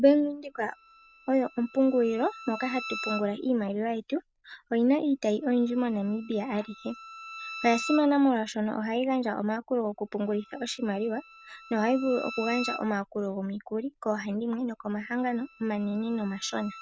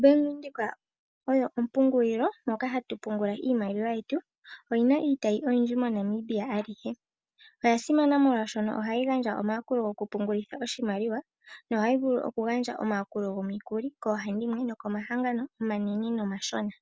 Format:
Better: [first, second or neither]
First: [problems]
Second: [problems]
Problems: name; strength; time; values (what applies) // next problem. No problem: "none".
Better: second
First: background sound (Bowed string instrument); 16 dB below the speech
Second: none